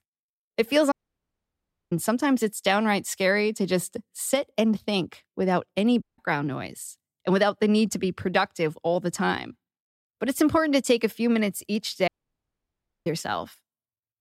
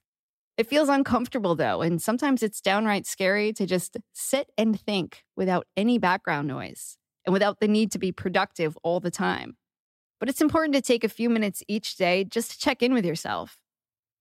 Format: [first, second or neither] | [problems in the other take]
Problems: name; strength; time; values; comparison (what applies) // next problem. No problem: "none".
second | audio cutting out; at 1 s for 1 s, at 6 s and at 12 s for 1 s